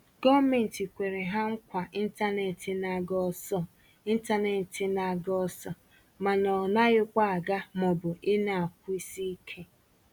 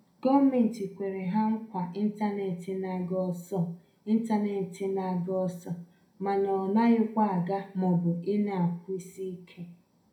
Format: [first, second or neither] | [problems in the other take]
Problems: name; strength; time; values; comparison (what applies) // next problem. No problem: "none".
first | room echo; dies away in 0.4 s